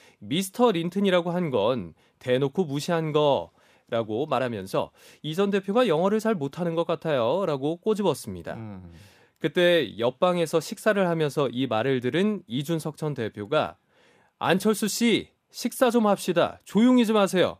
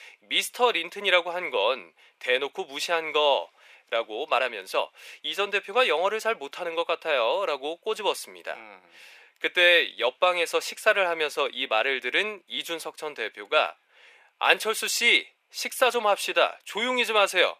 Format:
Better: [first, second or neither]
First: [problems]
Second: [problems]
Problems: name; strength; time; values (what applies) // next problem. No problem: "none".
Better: first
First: none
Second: thin; very; fading below 500 Hz